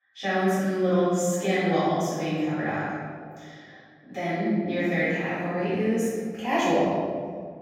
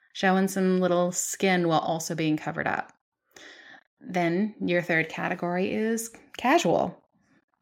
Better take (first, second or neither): second